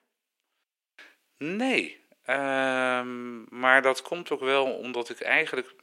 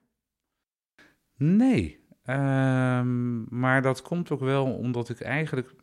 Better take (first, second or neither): second